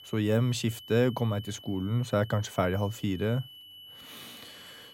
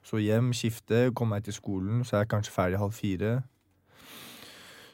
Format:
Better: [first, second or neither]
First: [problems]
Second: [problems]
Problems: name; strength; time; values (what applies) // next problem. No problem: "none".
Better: second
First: high-pitched whine; noticeable; throughout; 3 kHz, 20 dB below the speech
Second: none